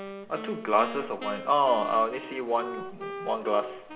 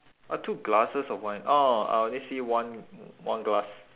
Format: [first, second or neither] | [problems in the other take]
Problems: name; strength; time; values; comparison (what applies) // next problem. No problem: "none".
second | background sound (Wind instrument, woodwind instrument); 11 dB below the speech // room echo; dies away in 2.9 s